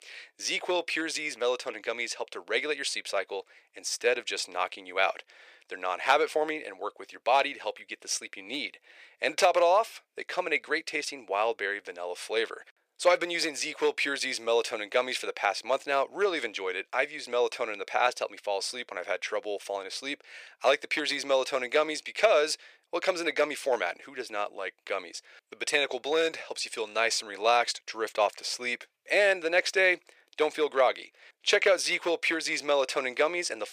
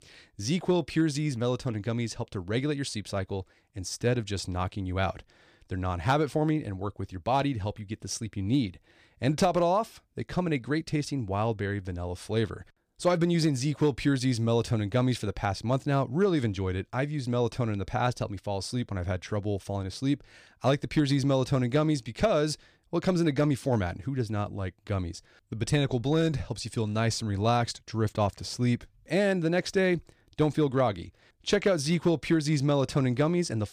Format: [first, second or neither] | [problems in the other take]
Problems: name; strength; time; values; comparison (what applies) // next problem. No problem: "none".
second | thin; very; fading below 500 Hz